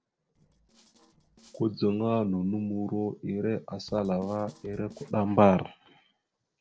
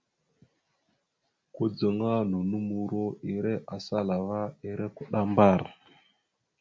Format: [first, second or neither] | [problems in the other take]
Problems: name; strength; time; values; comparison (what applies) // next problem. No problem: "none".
second | noise reduction (neural separator model SepFormer DNS4)